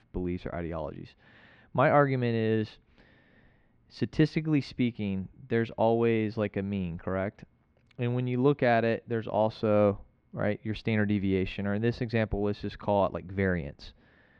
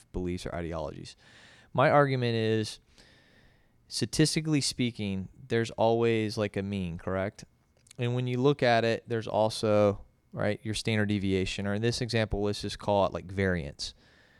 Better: second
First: muffled; slightly; fading above 3 kHz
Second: none

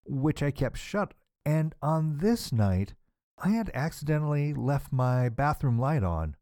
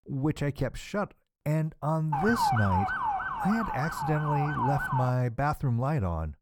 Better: first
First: none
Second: siren; loud; from 2 to 5 s; peak 3 dB above the speech

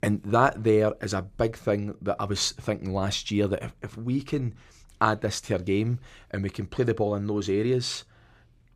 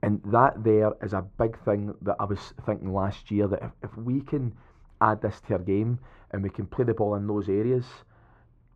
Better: first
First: none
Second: muffled; very; fading above 3 kHz

